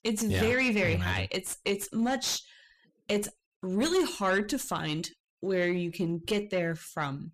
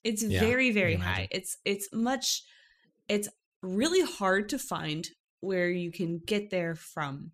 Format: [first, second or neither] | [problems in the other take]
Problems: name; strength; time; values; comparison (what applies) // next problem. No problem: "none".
second | distortion; slight; 10 dB below the speech